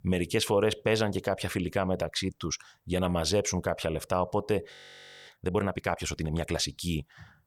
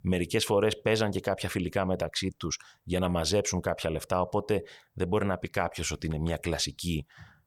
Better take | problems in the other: second | audio freezing; at 4.5 s for 0.5 s

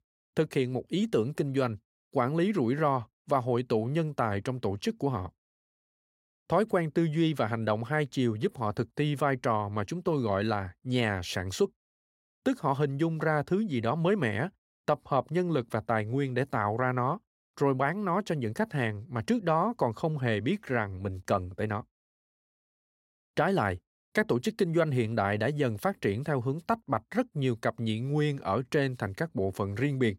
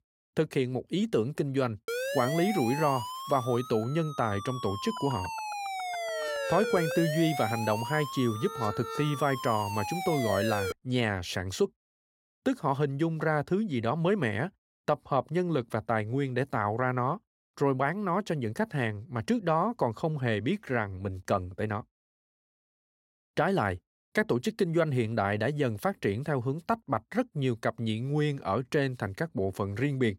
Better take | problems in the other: first | siren; noticeable; from 2 to 11 s; peak 2 dB below the speech

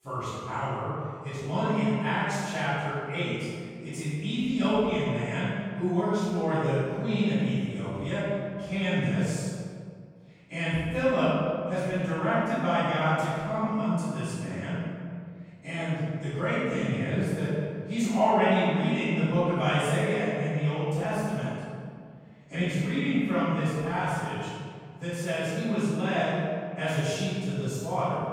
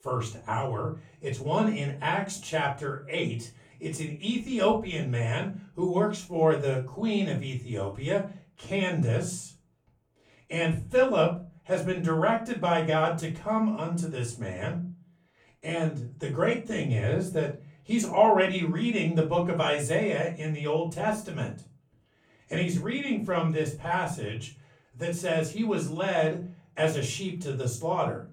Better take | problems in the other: second | room echo; strong; dies away in 1.8 s; slight in the second // off-mic speech; far; far in the second

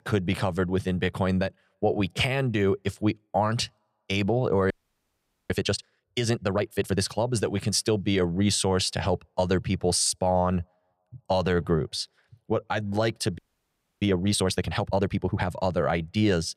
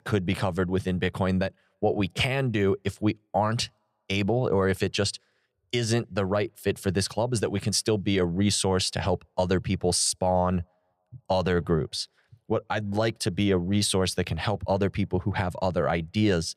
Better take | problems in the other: second | audio freezing; at 4.5 s for 1 s and at 13 s for 0.5 s

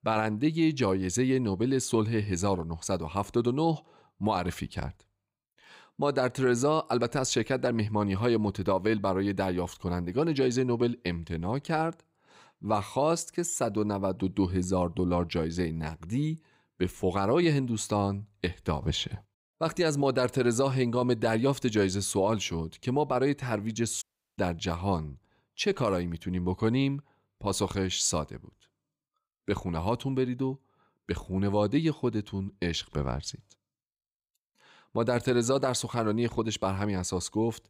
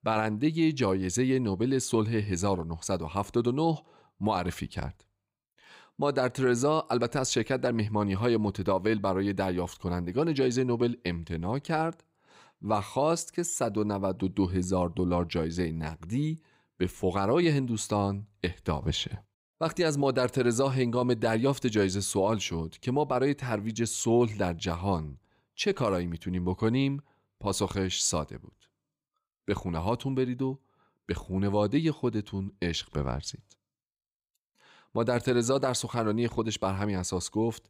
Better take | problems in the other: second | audio cutting out; at 24 s

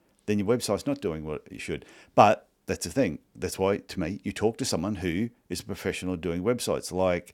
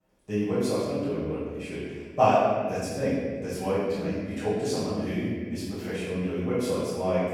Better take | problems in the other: first | off-mic speech; far // room echo; strong; dies away in 1.6 s

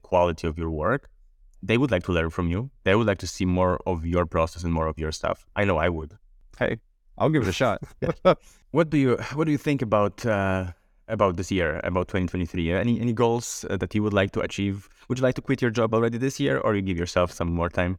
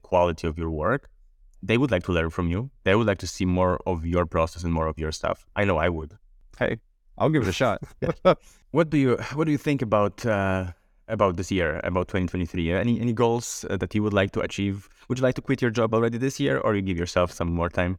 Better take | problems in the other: neither | none

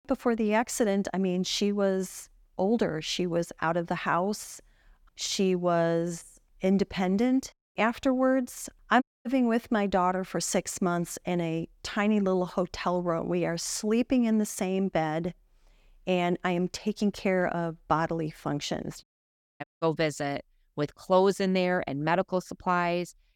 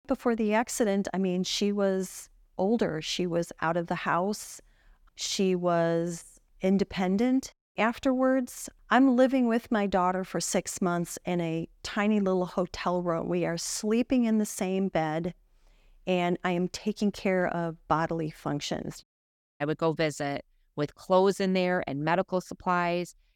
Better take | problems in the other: second | audio cutting out; at 9 s and at 20 s

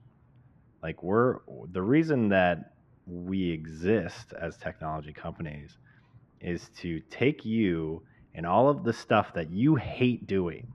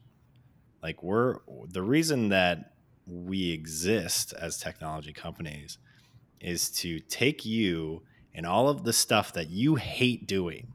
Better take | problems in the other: second | muffled; very; fading above 1.5 kHz

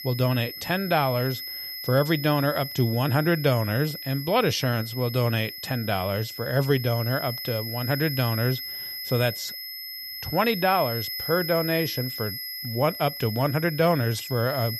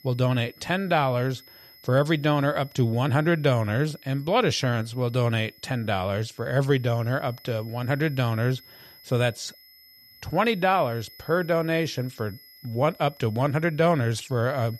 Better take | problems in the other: second | high-pitched whine; loud; throughout; 5 kHz, 7 dB below the speech; faint in the second

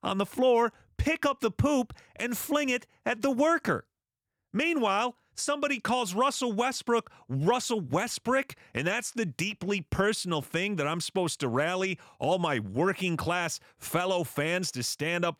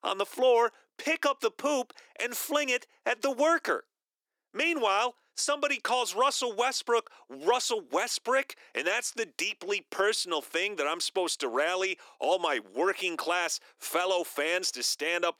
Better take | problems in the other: first | thin; somewhat; fading below 350 Hz

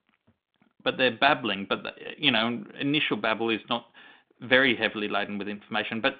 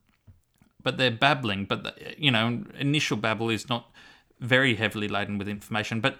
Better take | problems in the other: second | phone-call audio; nothing above 3.5 kHz

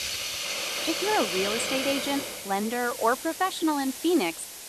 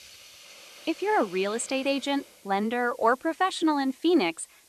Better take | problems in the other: second | hiss; loud; throughout; 3 dB below the speech; faint in the second

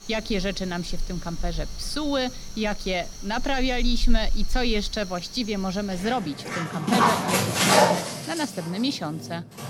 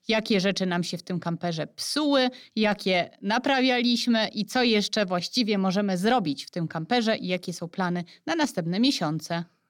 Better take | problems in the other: second | animal sounds; very loud; throughout; 3 dB above the speech

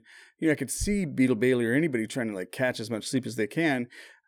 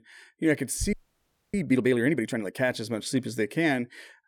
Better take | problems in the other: first | audio freezing; at 1 s for 0.5 s

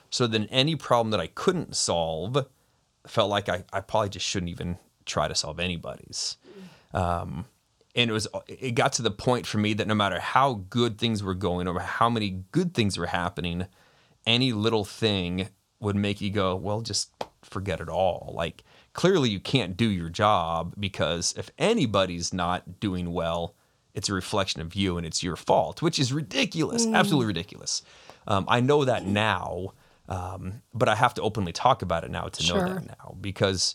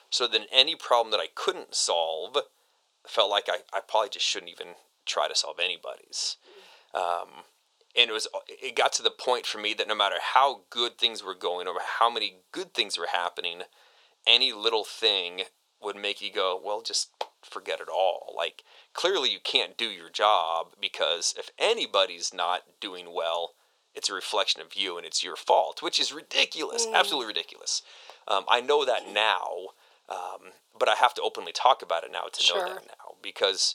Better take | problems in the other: first | thin; very; fading below 450 Hz

